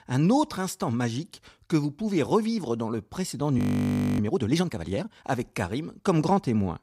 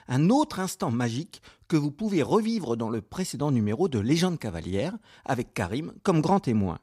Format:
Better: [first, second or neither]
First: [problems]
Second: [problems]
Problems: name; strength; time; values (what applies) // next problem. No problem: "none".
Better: second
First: audio freezing; at 3.5 s for 0.5 s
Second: none